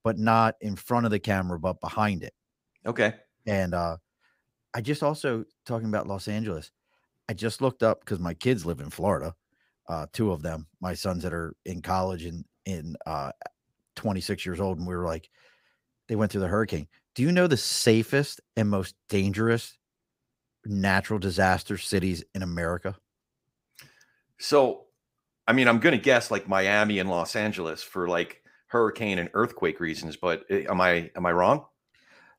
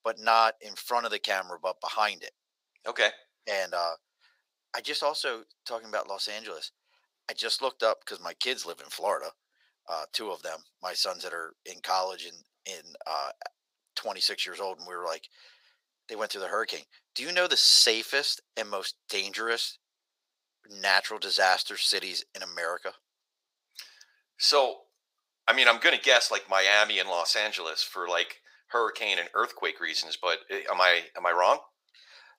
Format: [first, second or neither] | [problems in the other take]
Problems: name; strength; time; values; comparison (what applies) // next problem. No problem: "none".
first | thin; very; fading below 550 Hz